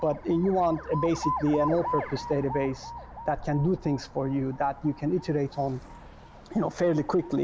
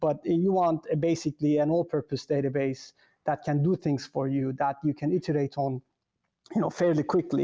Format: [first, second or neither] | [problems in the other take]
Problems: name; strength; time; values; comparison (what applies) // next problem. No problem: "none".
second | background sound (Alarm); 10 dB below the speech